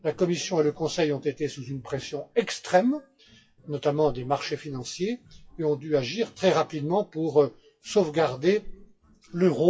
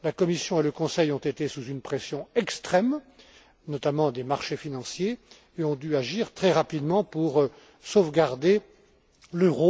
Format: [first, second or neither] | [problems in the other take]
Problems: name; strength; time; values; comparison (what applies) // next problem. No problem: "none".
second | noise reduction (classical method WPE with log-MMSE)